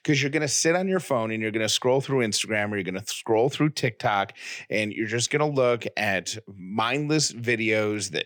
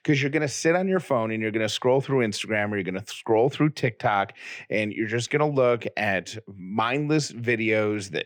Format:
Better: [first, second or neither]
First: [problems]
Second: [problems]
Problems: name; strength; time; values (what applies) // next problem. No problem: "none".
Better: first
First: none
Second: muffled; slightly; fading above 3.5 kHz